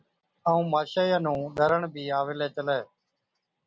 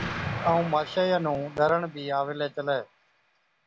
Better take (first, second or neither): first